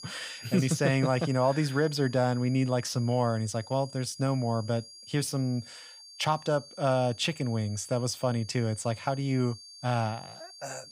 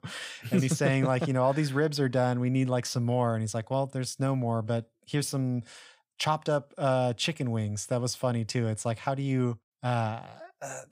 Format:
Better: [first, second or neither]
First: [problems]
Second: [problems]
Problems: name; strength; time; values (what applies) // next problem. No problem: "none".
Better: second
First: high-pitched whine; noticeable; throughout; 5 kHz, 15 dB below the speech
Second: none